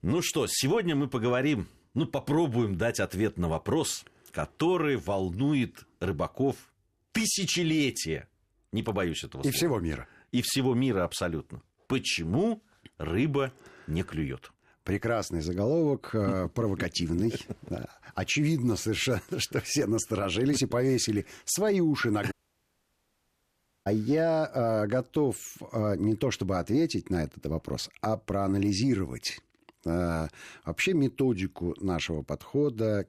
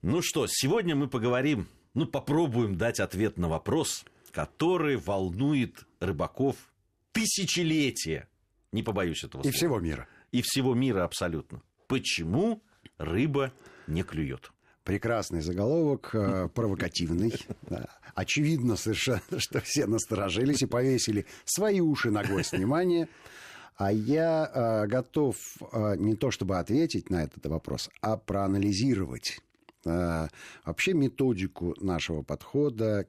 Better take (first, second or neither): second